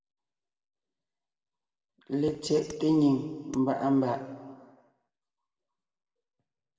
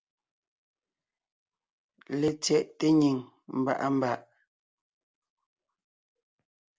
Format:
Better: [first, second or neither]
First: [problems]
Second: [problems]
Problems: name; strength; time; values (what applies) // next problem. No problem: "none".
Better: second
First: background sound (Tap); 19 dB below the speech // room echo; dies away in 1.5 s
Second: none